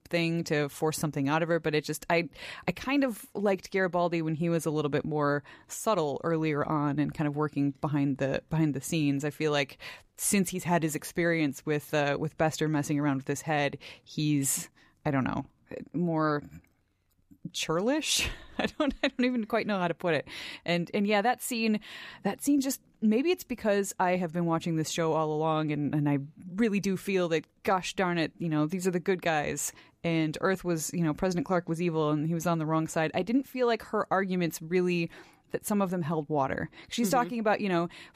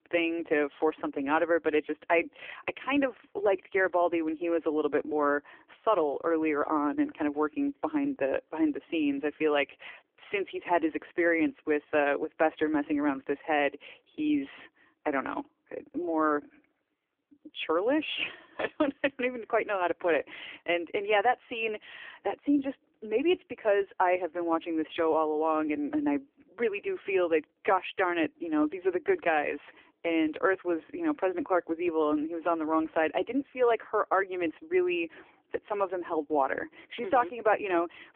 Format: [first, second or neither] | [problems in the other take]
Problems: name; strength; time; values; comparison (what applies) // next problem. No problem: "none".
first | phone-call audio; poor line